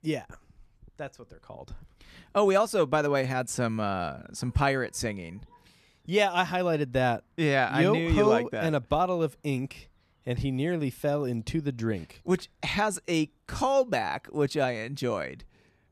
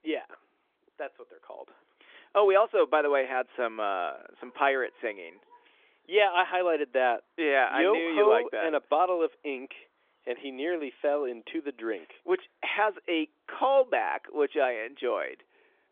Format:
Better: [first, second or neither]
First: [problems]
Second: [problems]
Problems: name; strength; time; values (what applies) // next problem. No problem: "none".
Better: first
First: none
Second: phone-call audio; nothing above 3.5 kHz